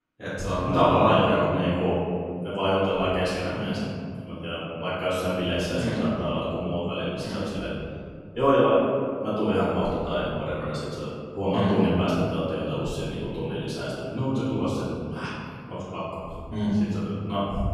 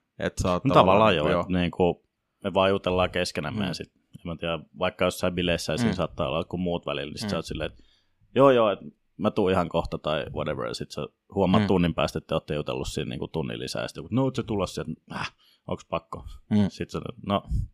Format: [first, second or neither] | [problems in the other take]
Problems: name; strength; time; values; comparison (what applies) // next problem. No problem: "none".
second | room echo; strong; dies away in 2 s // off-mic speech; far